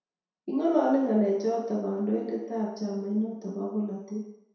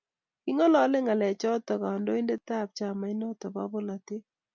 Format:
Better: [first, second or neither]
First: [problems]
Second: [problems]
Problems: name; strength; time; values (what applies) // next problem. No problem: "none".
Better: second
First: room echo; dies away in 0.7 s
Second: none